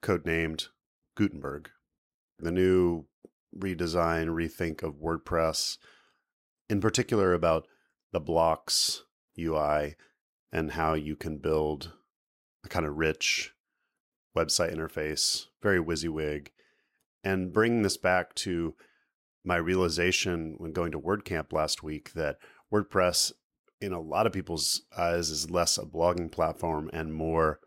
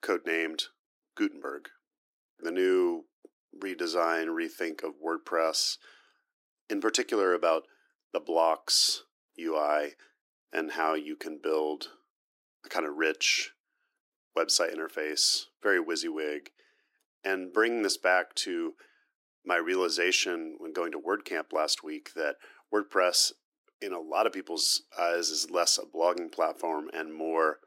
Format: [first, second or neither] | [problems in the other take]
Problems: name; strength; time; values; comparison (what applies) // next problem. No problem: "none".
first | thin; somewhat; fading below 300 Hz